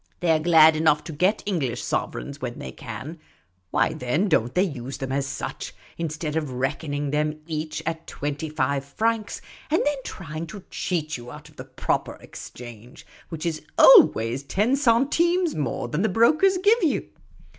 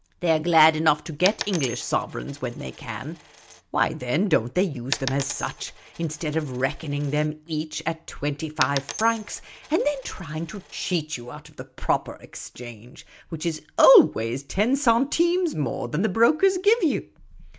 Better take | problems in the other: first | background sound (Coin (dropping)); 13 dB below the speech

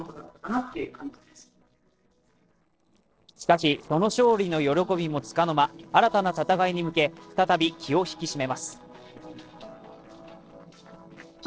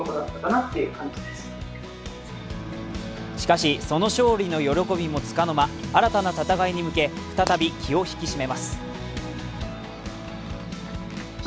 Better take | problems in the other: second | noise reduction (neural separator model SepFormer DNS4)

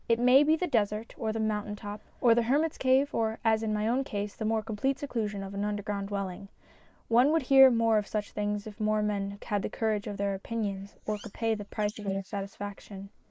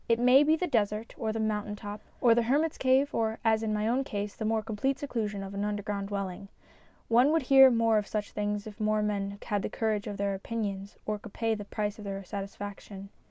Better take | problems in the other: second | noise reduction (neural mask model Resemble Enhance denoiser)

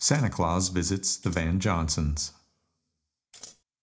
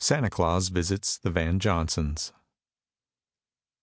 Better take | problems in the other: second | background sound (Scissors); 19 dB below the speech // room echo; dies away in 0.4 s

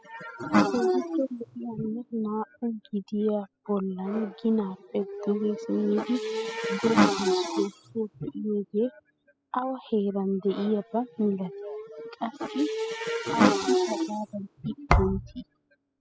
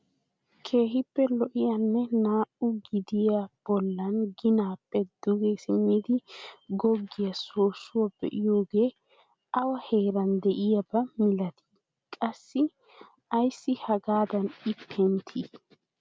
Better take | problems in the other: second | noise reduction (classical method spectral subtraction)

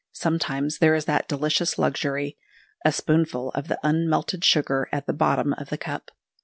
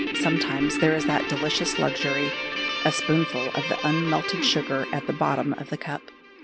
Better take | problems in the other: first | background sound (Guitar); 3 dB below the speech

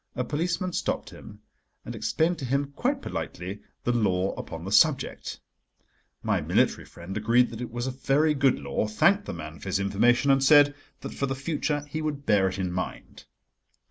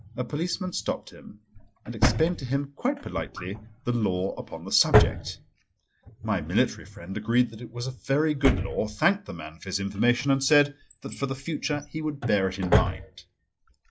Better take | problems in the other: first | noise reduction (classical method log-MMSE)

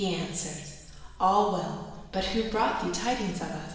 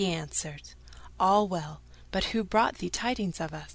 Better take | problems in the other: second | room echo; dies away in 1.1 s

